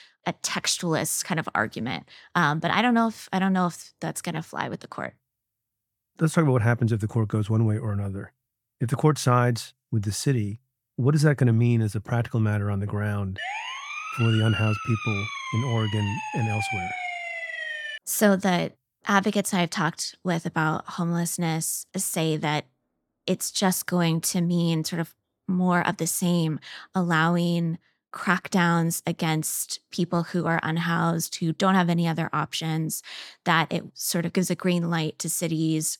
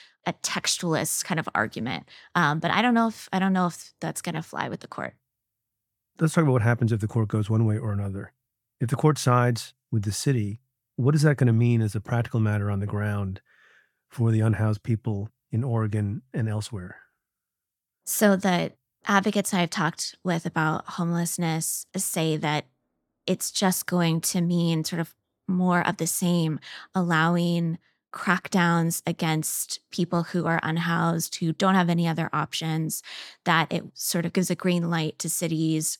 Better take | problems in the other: second | siren; noticeable; from 13 to 18 s; peak 4 dB below the speech

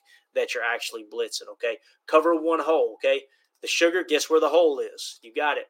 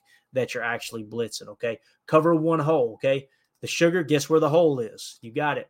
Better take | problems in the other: second | thin; very; fading below 350 Hz

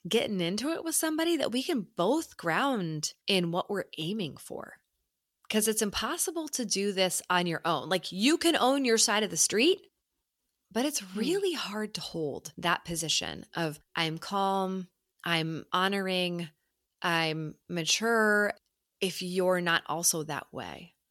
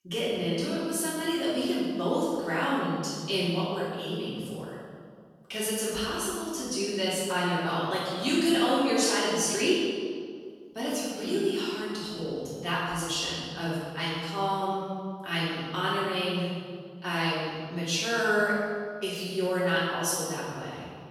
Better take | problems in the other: first | room echo; strong; dies away in 1.7 s // off-mic speech; far

